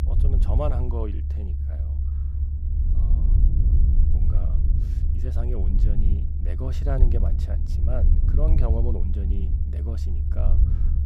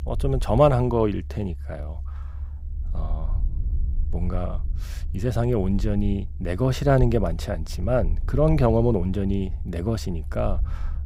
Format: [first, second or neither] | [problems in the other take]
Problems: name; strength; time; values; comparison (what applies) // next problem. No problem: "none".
second | low rumble; loud; throughout; 4 dB below the speech; faint in the second